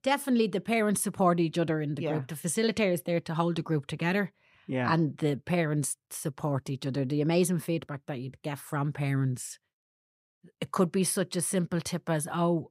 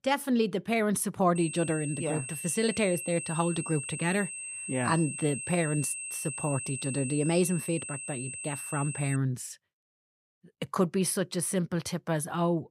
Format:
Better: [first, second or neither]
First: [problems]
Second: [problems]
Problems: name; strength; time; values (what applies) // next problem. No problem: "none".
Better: first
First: none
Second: high-pitched whine; loud; from 1.5 to 9 s; 8 kHz, 6 dB below the speech